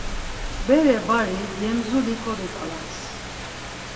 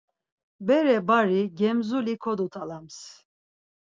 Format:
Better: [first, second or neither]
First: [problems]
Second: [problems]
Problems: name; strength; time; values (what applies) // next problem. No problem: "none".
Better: second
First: background sound (Rain); 7 dB below the speech // room echo; dies away in 1.1 s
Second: none